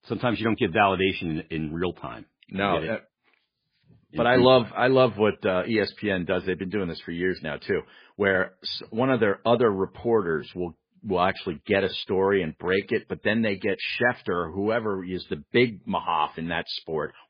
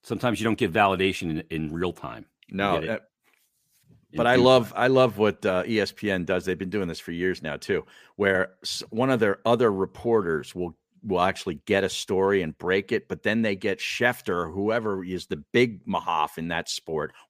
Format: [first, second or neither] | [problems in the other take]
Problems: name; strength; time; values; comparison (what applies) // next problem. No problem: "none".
second | garbled, watery; badly; nothing above 4 kHz